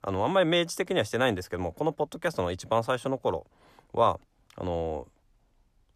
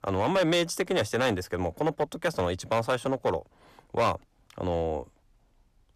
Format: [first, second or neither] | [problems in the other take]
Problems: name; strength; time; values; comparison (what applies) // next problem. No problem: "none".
first | distortion; slight; 6% of the sound clipped